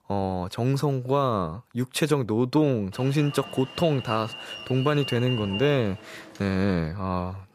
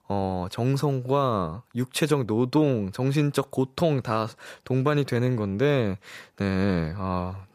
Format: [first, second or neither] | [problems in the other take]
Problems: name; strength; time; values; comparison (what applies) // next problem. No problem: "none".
second | alarm; noticeable; from 3 to 6.5 s; peak 6 dB below the speech